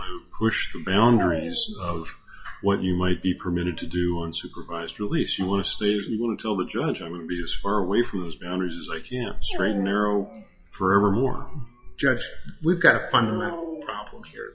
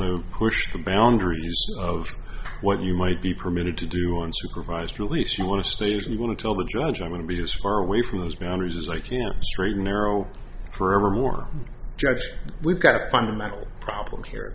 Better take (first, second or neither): second